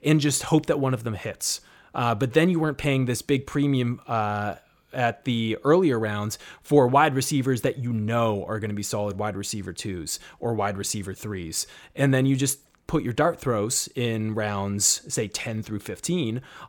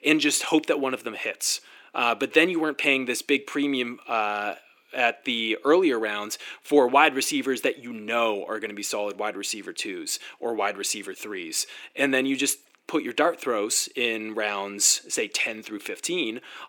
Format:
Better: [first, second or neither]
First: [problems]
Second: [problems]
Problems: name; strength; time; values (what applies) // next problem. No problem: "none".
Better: first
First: none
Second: thin; very slightly; fading below 300 Hz